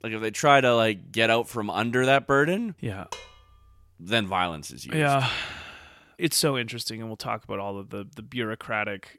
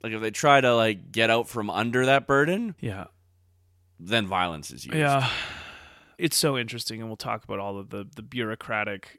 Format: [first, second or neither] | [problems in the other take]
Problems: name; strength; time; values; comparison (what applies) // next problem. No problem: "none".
second | clattering dishes; faint; at 3 s; peak 15 dB below the speech